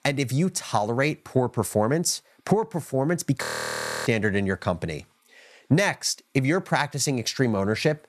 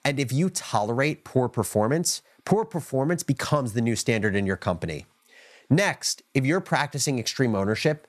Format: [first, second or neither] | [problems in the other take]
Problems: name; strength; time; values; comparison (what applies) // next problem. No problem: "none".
second | audio freezing; at 3.5 s for 0.5 s